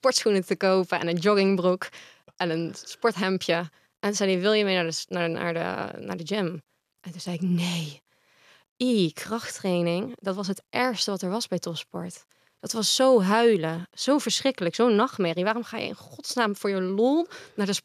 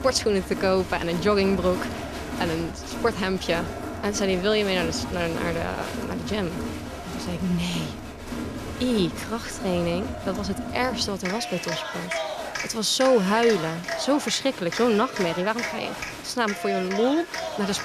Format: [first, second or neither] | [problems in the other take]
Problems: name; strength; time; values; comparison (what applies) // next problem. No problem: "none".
first | crowd noise; loud; throughout; 7 dB below the speech